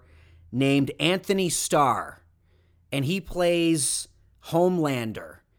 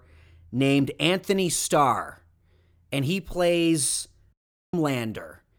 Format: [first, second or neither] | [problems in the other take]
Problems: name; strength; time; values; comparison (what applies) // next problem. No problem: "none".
first | audio cutting out; at 4.5 s